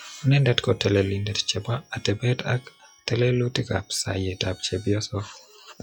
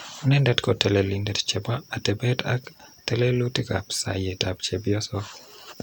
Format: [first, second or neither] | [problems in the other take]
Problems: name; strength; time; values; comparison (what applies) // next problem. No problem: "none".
second | noise reduction (classical method log-MMSE)